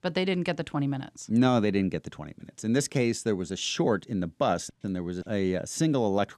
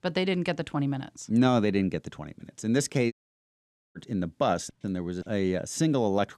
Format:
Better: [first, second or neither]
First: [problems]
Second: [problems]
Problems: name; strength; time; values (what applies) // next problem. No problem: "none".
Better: first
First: none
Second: audio cutting out; at 3 s for 1 s